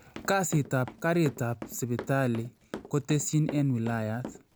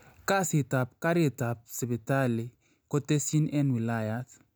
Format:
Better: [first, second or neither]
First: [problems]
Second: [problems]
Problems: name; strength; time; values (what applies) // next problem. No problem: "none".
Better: second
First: background sound (Run); 14 dB below the speech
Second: none